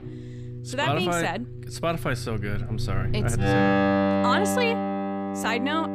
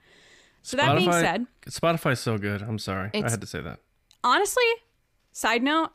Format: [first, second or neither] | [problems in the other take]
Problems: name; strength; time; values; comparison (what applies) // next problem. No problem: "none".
second | background music; very loud; throughout; 2 dB above the speech